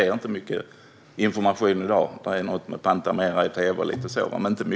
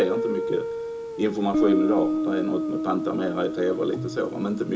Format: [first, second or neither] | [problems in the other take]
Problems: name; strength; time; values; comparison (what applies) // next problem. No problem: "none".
first | background sound (Guitar); 1 dB below the speech // room echo; dies away in 0.2 s